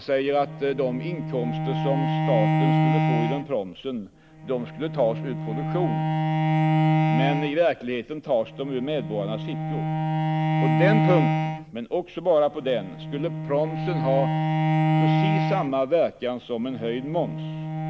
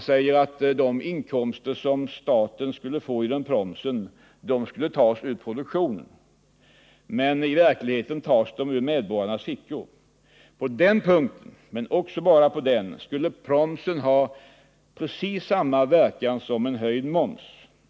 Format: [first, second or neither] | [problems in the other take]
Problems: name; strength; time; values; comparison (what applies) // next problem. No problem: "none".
second | background sound (Bowed string instrument); 2 dB above the speech